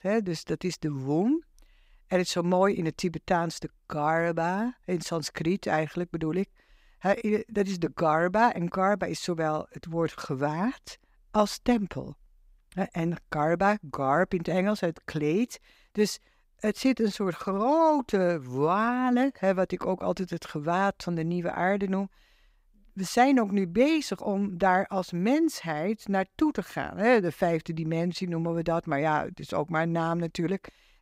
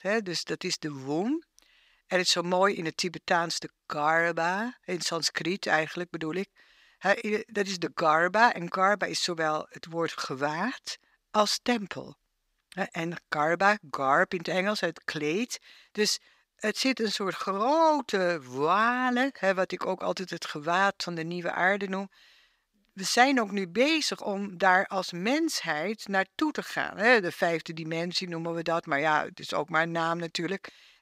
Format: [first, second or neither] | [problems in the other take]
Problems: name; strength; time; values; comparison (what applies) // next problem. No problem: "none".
first | thin; very slightly; fading below 300 Hz